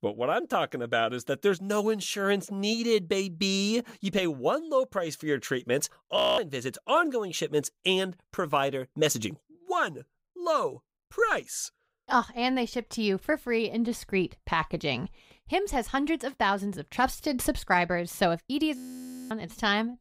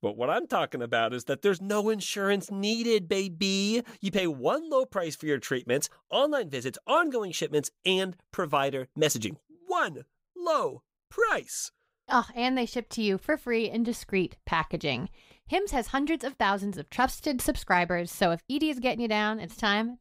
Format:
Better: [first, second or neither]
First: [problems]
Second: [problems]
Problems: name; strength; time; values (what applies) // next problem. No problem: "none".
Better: second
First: audio freezing; at 6 s and at 19 s for 0.5 s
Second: none